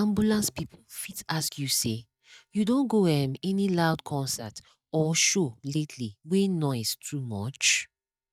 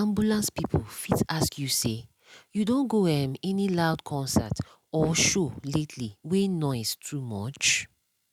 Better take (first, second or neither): second